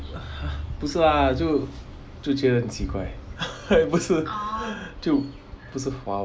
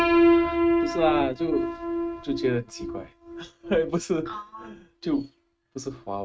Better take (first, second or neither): first